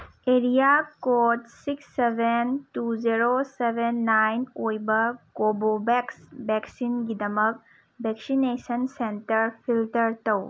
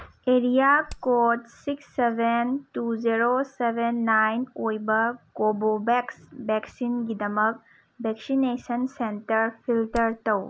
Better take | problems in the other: first | background sound (Hammer); 15 dB below the speech

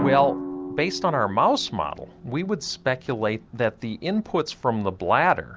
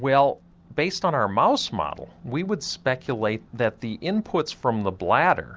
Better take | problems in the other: second | background sound (Drum); 11 dB below the speech

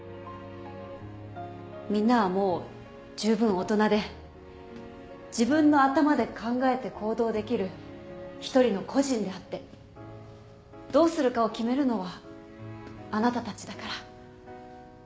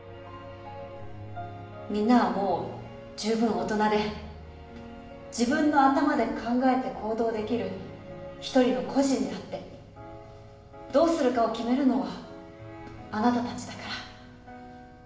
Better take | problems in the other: first | room echo; dies away in 0.8 s

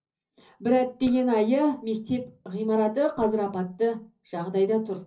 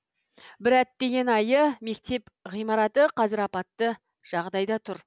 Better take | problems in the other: second | noise reduction (neural separator model SepFormer DNS4)

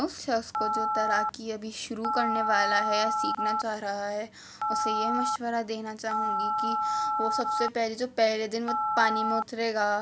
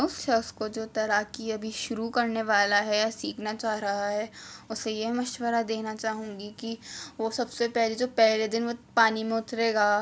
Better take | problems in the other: second | background sound (Telephone); as loud as the speech

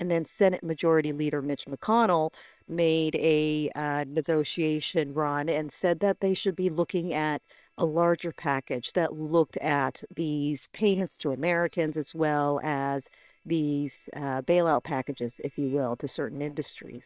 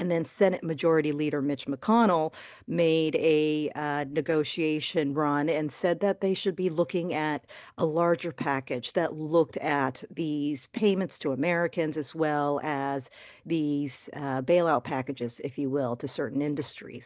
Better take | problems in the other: second | noise reduction (neural separator model SepFormer WHAM!)

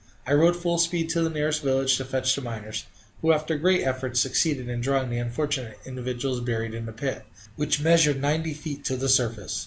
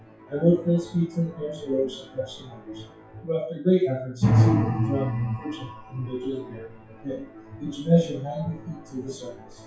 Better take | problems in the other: first | noise reduction (classical method WPE with log-MMSE)

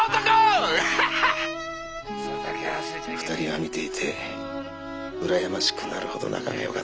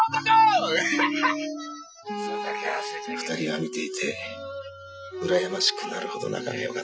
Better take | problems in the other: first | noise reduction (classical method Wiener filter)

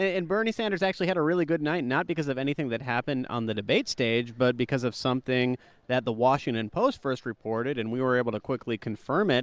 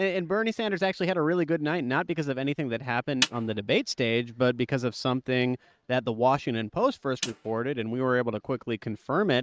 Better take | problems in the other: first | noise reduction (neural mask model RNNoise)

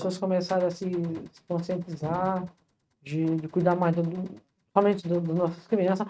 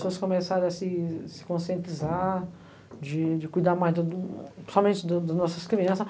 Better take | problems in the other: second | noise reduction (neural mask model RNNoise)

